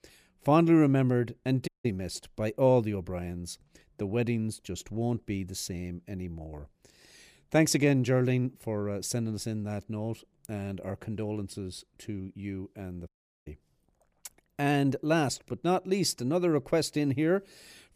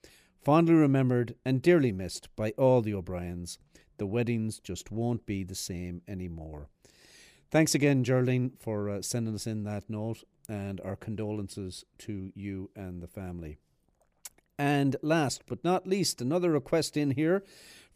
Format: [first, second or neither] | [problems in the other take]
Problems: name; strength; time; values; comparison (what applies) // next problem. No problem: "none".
second | audio cutting out; at 1.5 s and at 13 s